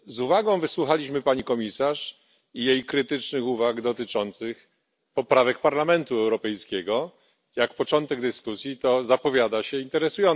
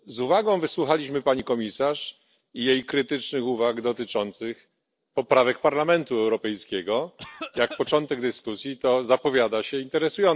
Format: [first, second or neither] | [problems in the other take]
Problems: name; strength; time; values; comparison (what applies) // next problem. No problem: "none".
first | noise reduction (neural separator model SepFormer DNS4)